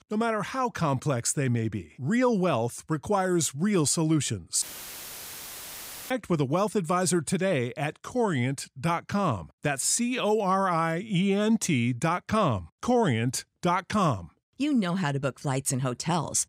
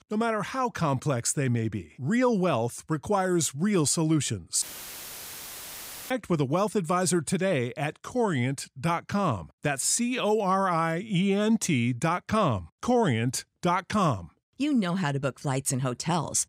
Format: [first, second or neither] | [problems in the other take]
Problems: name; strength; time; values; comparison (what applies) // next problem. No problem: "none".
neither | audio cutting out; filled with static; at 4.5 s for 1.5 s; the same in both